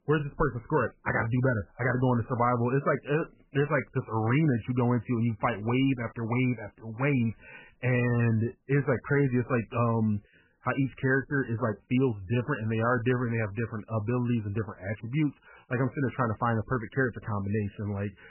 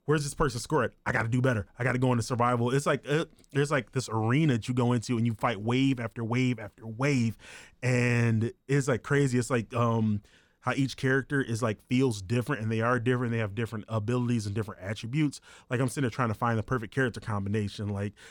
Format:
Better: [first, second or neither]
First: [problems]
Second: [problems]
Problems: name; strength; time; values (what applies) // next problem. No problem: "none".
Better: second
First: garbled, watery; badly; nothing above 3 kHz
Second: none